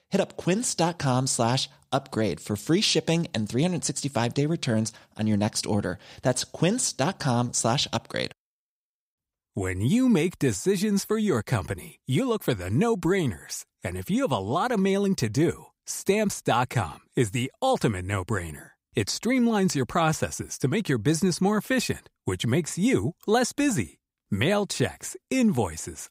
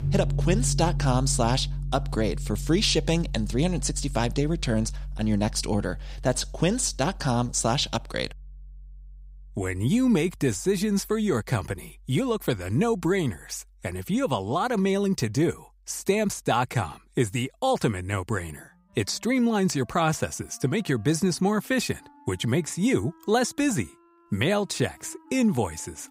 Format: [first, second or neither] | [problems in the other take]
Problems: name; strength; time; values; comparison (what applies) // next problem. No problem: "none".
first | background music; loud; throughout; 8 dB below the speech